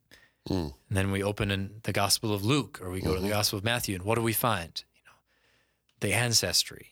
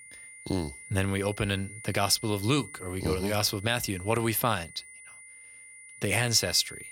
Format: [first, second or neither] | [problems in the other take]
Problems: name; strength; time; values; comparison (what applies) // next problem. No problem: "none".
first | high-pitched whine; noticeable; throughout; 2 kHz, 15 dB below the speech